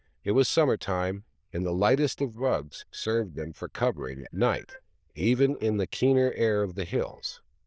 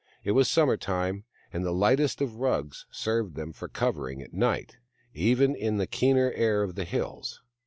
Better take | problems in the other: second | noise reduction (neural diffusion model UNIVERSE++)

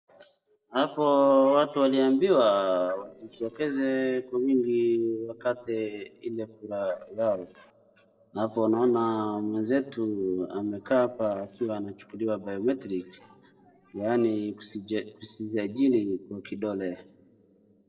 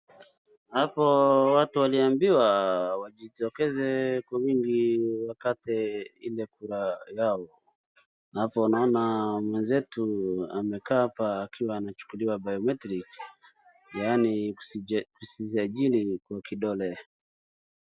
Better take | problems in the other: second | noise reduction (neural separator model SepFormer DNS4)

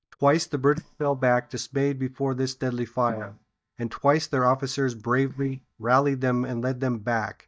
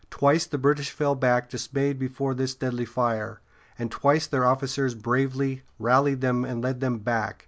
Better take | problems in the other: second | noise reduction (neural mask model DeepFilterNet 3)

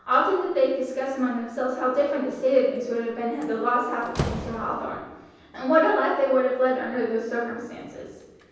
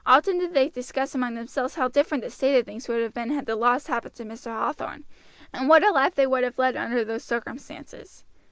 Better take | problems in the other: second | background sound (Slam); 16 dB below the speech // room echo; dies away in 1.1 s

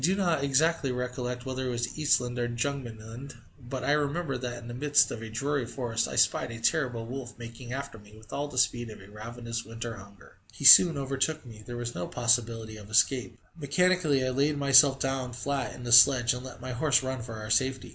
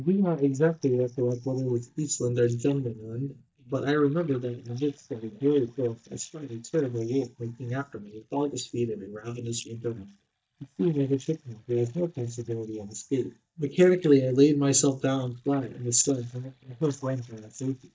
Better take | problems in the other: first | noise reduction (neural mask model DeepFilterNet 3)

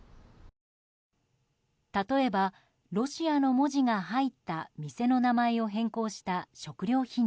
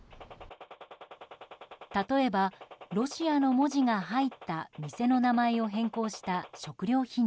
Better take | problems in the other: first | background sound (Gunshot, gunfire); 19 dB below the speech

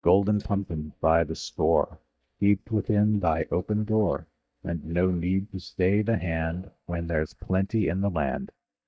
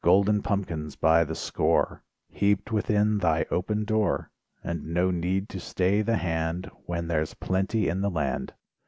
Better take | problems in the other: second | noise reduction (neural mask model DeepFilterNet 3)

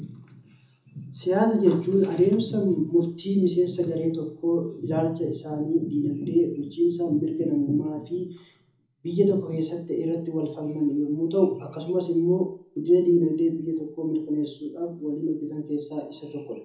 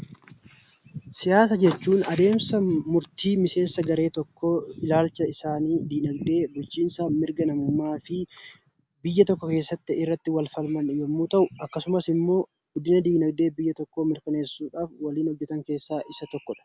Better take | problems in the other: second | room echo; dies away in 0.6 s

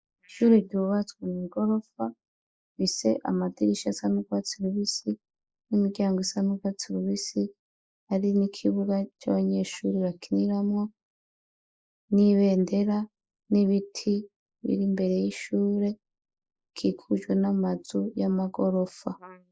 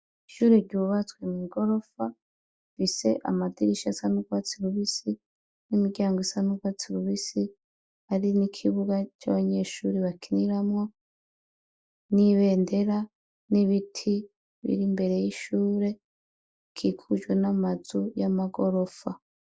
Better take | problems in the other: second | noise reduction (neural mask model Resemble Enhance denoiser)

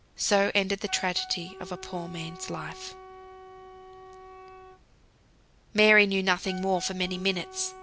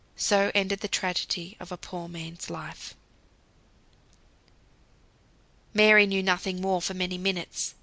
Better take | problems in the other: second | background sound (Wind instrument, woodwind instrument); 17 dB below the speech

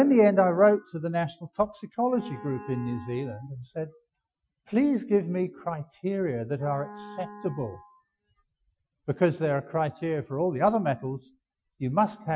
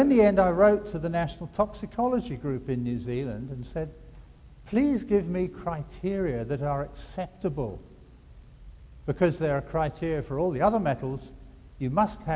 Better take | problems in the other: second | noise reduction (classical method Wiener filter)

